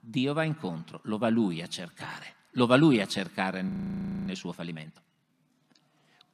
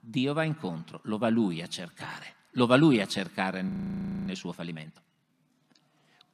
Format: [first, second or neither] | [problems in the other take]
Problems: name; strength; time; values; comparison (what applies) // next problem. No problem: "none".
neither | audio freezing; at 3.5 s for 0.5 s; the same in both